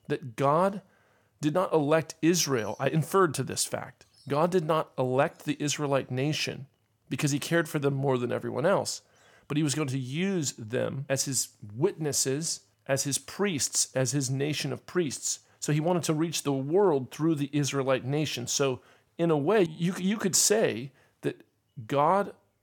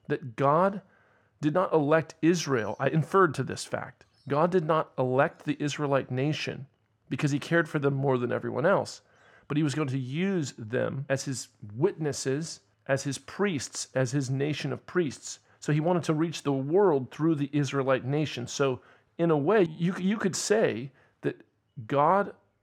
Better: first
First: none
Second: muffled; slightly; fading above 2.5 kHz

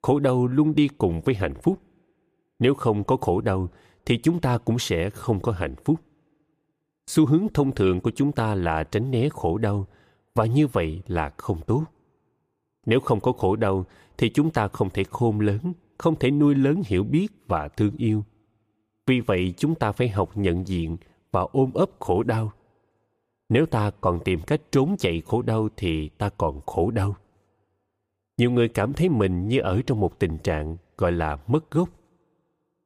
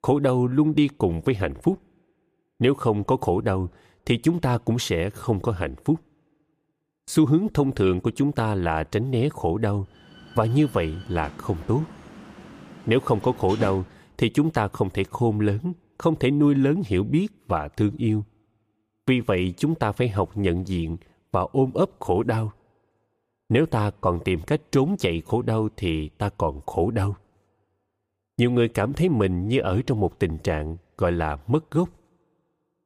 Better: first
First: none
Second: door banging; noticeable; from 10 to 14 s; peak 10 dB below the speech

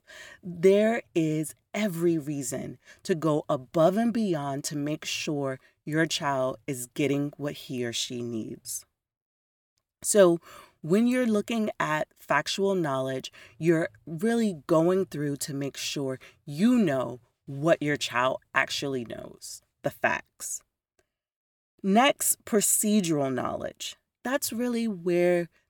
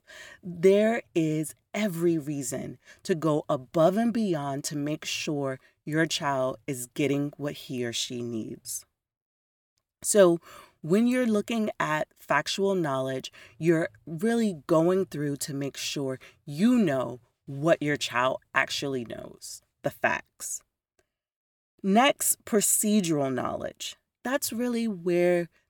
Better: neither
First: none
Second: none

